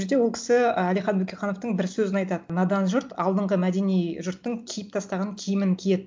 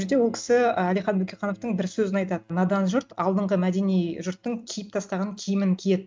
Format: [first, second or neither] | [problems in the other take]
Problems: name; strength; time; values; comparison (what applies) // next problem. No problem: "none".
first | noise reduction (neural mask model RNNoise)